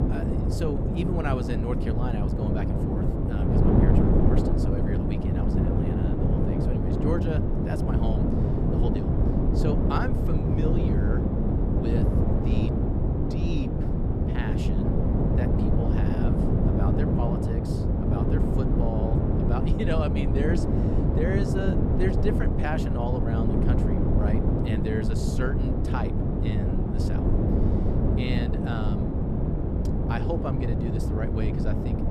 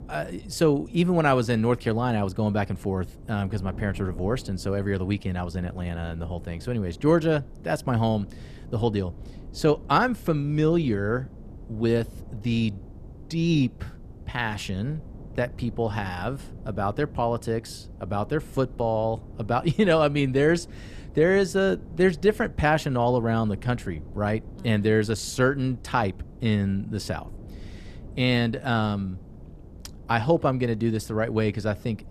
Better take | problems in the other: second | wind noise on the microphone; heavy; 3 dB above the speech; occasional gusts in the second

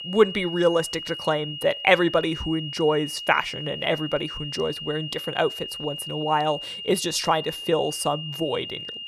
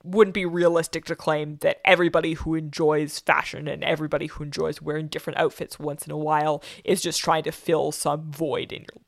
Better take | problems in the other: second | high-pitched whine; loud; throughout; 3 kHz, 8 dB below the speech

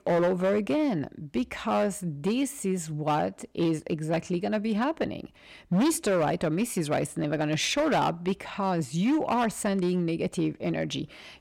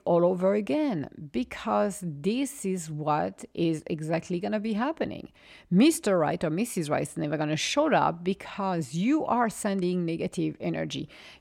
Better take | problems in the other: second | distortion; slight; 8% of the sound clipped

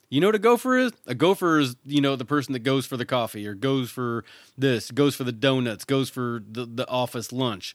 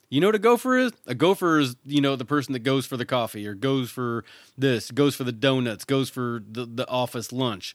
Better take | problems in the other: neither | none

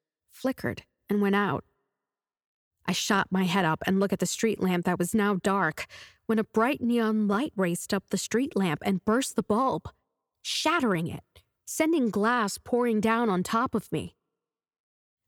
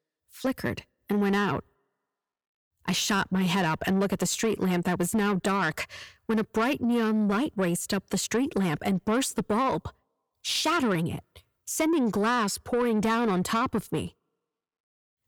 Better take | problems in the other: first | distortion; slight; 10 dB below the speech

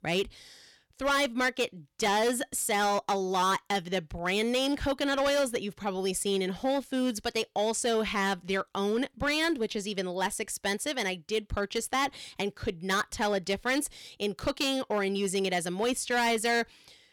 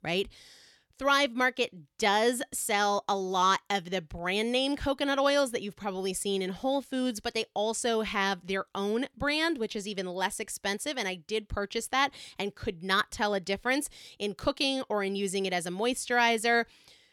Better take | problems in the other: second | distortion; slight; 8% of the sound clipped

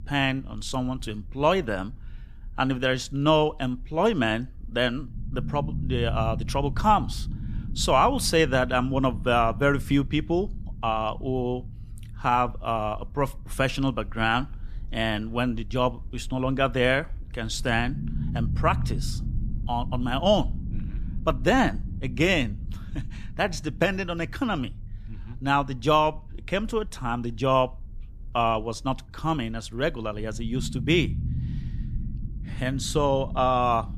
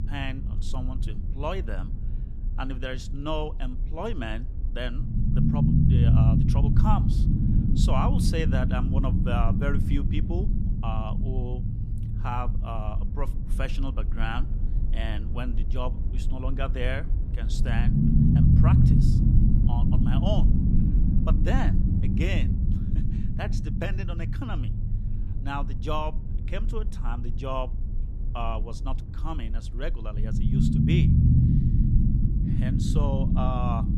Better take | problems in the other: first | low rumble; loud; throughout; 1 dB below the speech; faint in the first

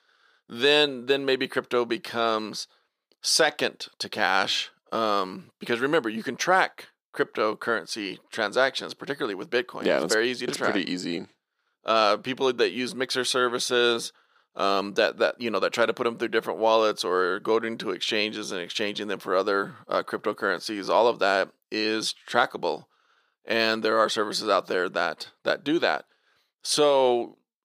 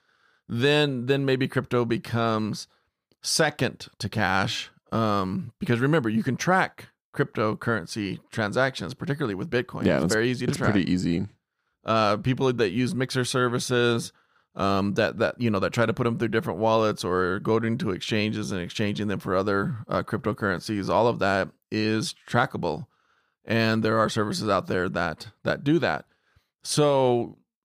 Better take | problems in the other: second | thin; somewhat; fading below 400 Hz

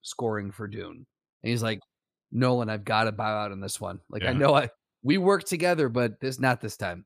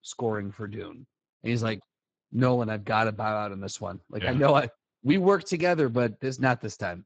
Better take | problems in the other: first | garbled, watery; badly; nothing above 7.5 kHz

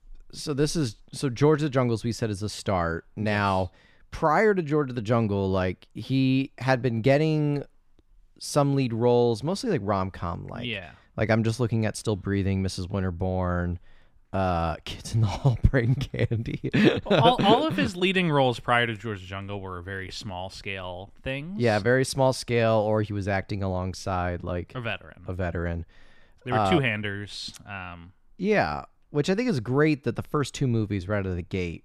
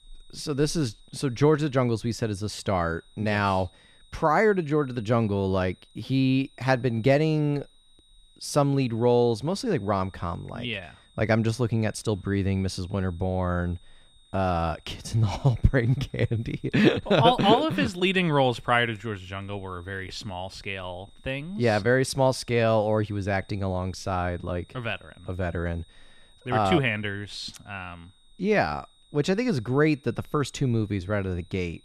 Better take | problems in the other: first | high-pitched whine; faint; throughout; 3.5 kHz, 30 dB below the speech

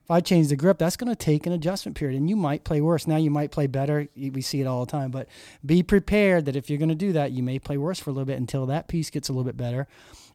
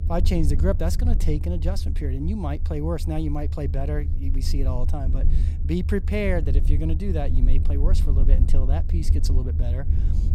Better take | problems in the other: first | low rumble; loud; throughout; 10 dB below the speech

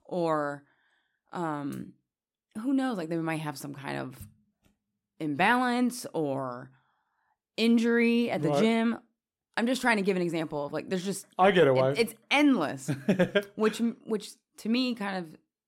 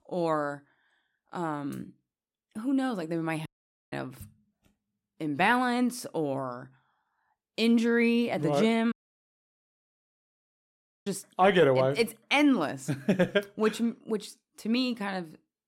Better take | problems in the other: first | audio cutting out; at 3.5 s and at 9 s for 2 s

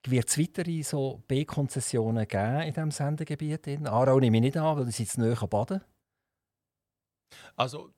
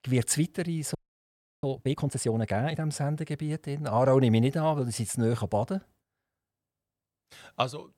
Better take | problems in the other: first | audio freezing; at 1 s for 0.5 s

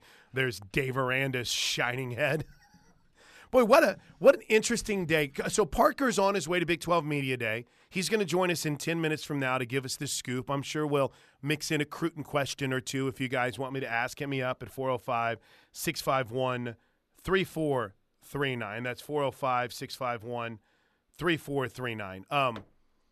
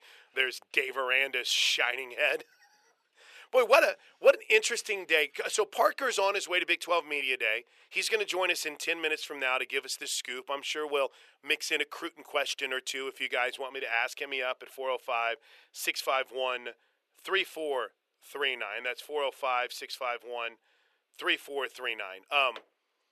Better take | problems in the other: first | thin; very; fading below 450 Hz

